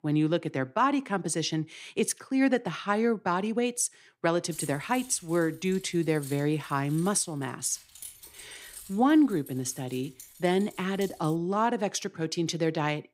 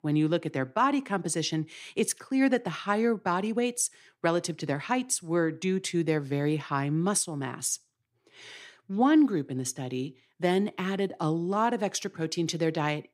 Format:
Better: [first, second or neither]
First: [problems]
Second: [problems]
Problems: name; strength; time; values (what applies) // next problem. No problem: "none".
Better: second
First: jangling keys; noticeable; from 4.5 to 11 s; peak 9 dB below the speech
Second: none